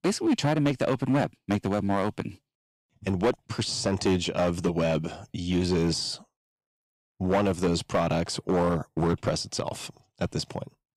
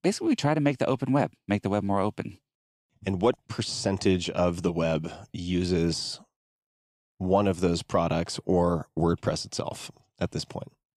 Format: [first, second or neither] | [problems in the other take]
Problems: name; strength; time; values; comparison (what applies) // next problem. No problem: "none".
second | distortion; slight; 5% of the sound clipped